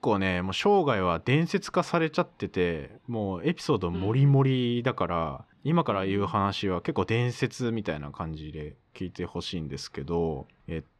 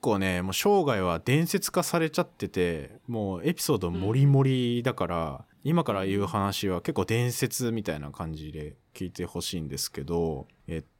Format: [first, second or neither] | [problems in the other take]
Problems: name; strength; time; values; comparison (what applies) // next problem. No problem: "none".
second | muffled; slightly; fading above 3.5 kHz